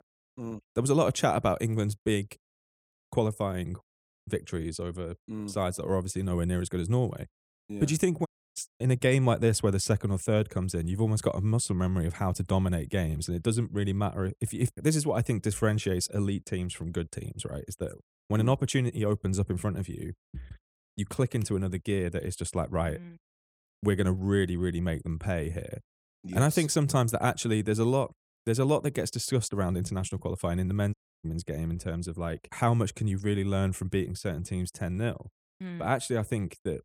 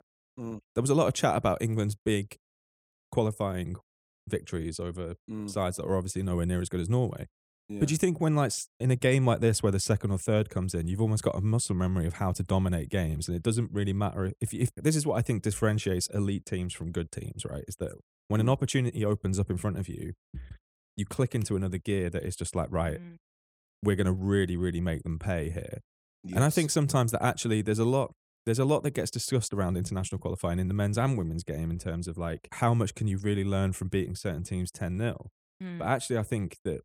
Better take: second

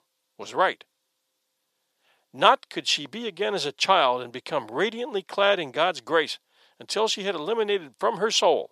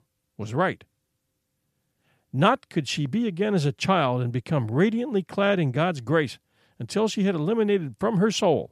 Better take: second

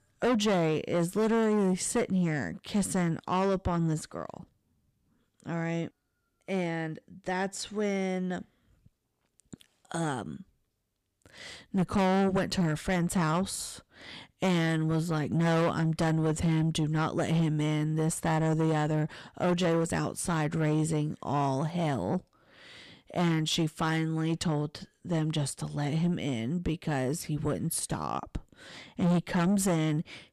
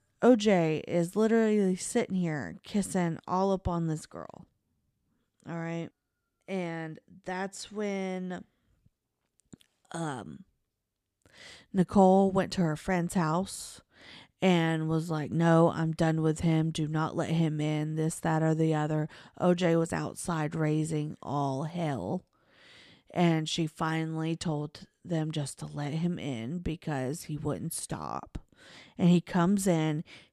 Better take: second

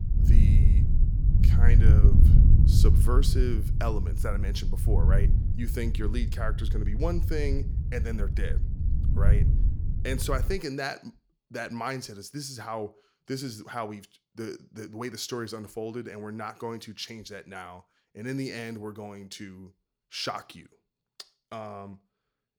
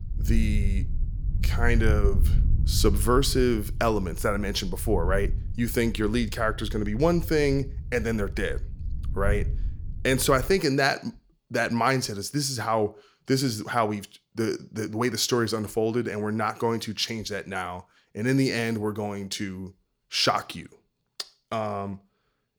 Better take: second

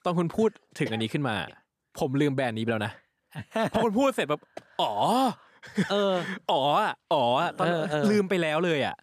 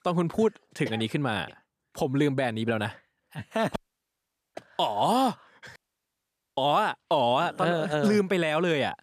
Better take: first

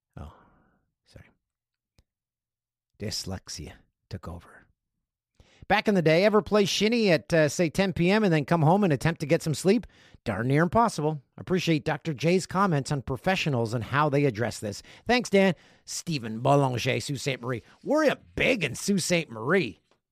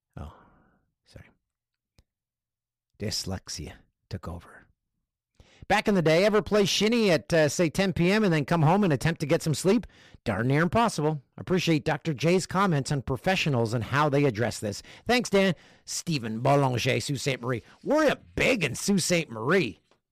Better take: first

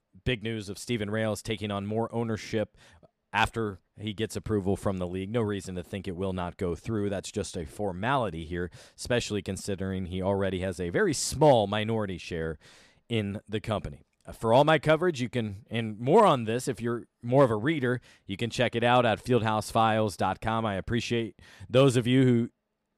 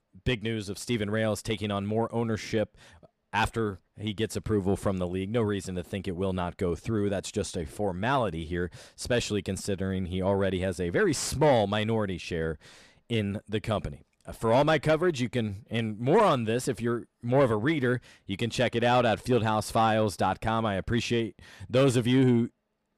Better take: first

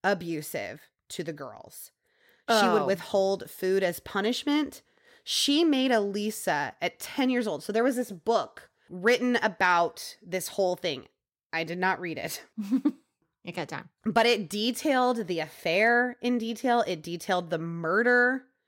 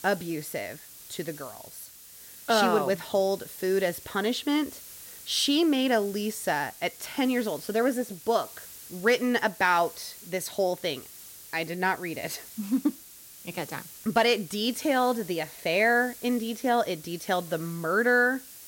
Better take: first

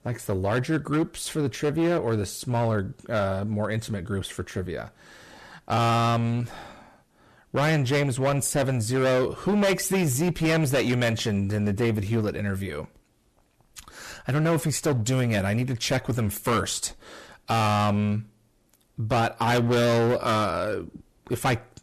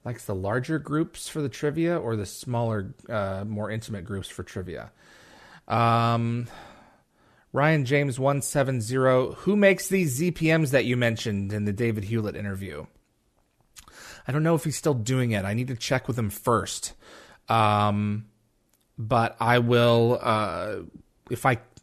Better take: second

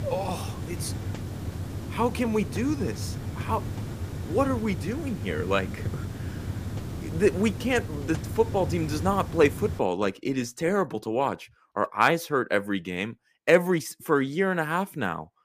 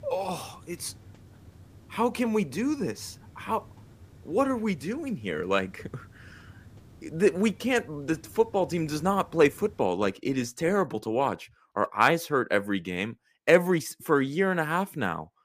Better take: second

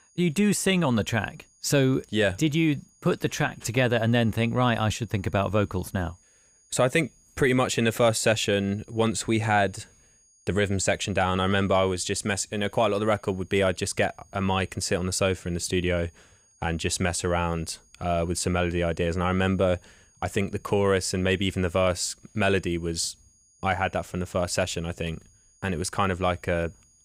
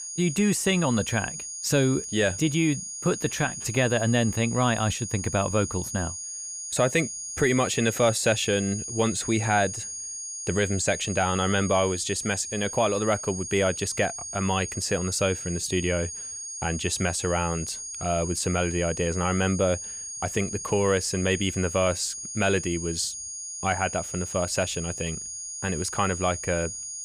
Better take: first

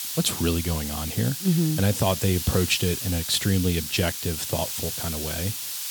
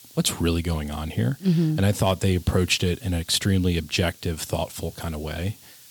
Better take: second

